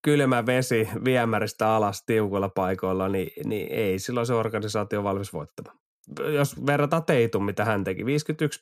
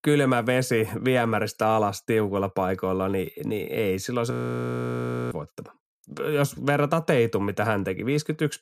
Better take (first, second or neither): first